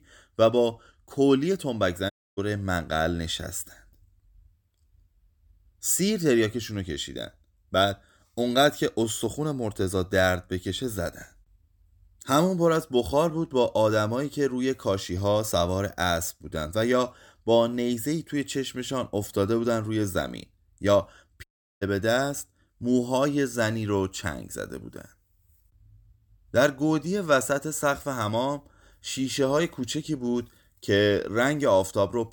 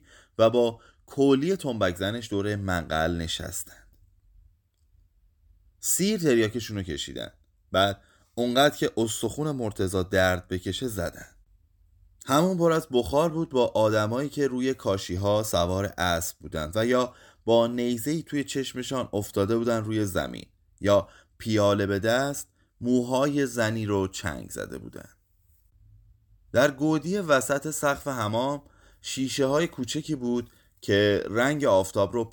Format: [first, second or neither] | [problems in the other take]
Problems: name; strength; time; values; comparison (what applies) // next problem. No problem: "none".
second | audio cutting out; at 2 s and at 21 s